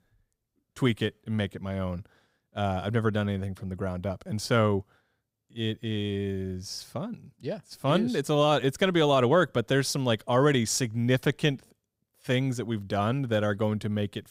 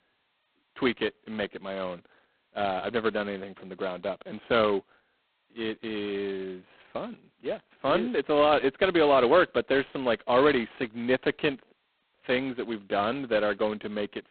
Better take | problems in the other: first | phone-call audio; poor line; nothing above 4 kHz

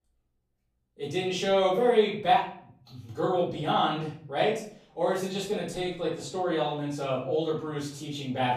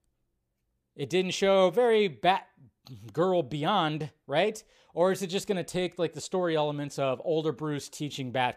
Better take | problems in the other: second | off-mic speech; far // room echo; noticeable; dies away in 0.5 s

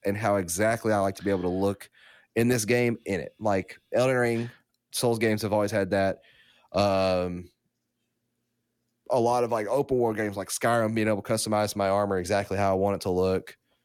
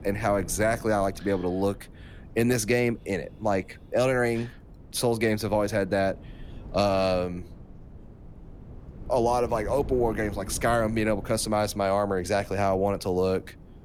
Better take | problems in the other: first | wind noise on the microphone; occasional gusts; 25 dB below the speech

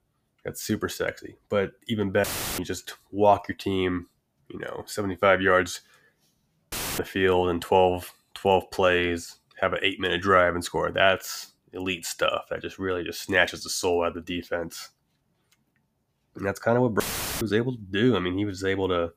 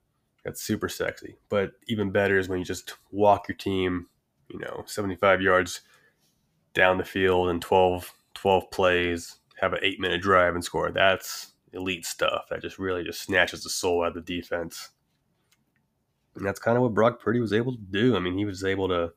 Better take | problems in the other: second | audio cutting out; filled with static; at 2 s, at 6.5 s and at 17 s

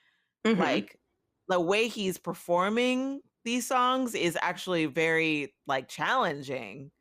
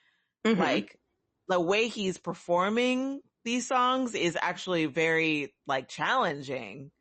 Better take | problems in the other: first | garbled, watery; slightly; nothing above 8 kHz

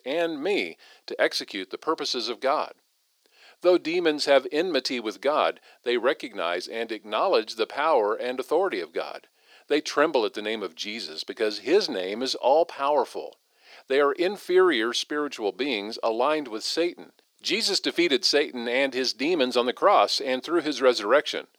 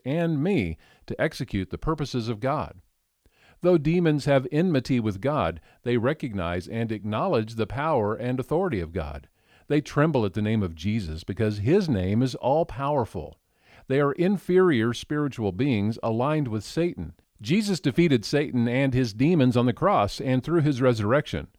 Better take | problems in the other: second | thin; somewhat; fading below 350 Hz

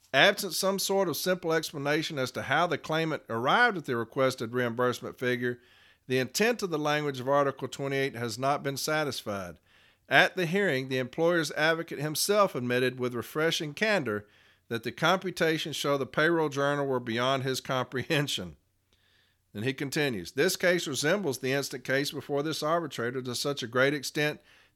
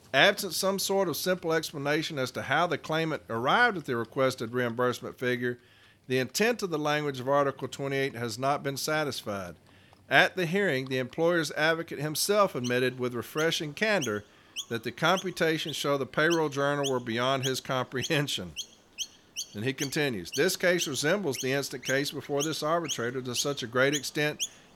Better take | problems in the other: first | animal sounds; noticeable; throughout; 10 dB below the speech

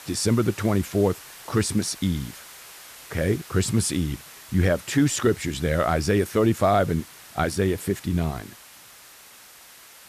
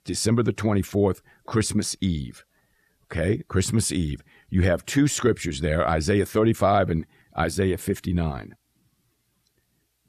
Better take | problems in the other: second | hiss; noticeable; throughout; 20 dB below the speech

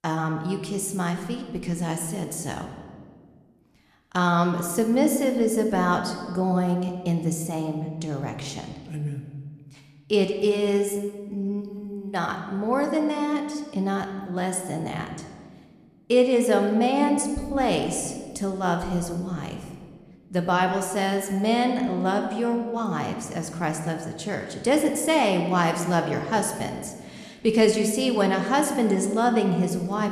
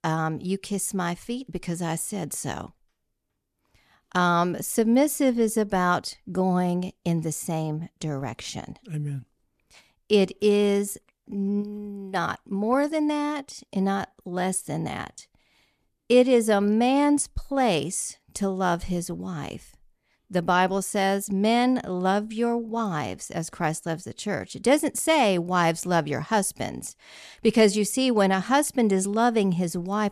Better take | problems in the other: second | room echo; slight; dies away in 1.3 s

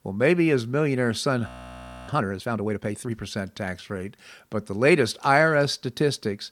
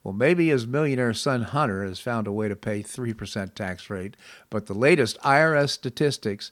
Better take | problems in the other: second | audio freezing; at 1.5 s for 0.5 s

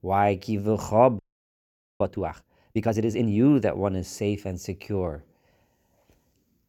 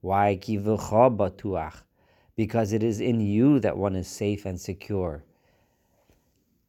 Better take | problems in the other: second | audio freezing; at 1 s for 1 s

